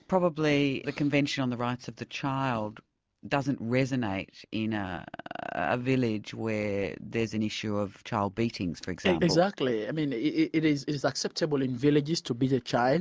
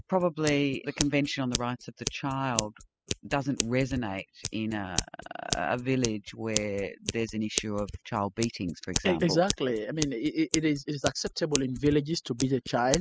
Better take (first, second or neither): first